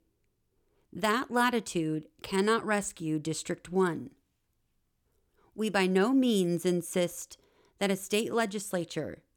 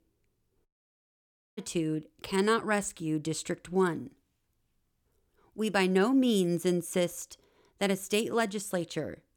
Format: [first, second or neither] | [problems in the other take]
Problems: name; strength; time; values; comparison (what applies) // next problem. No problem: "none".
first | audio cutting out; at 0.5 s for 1 s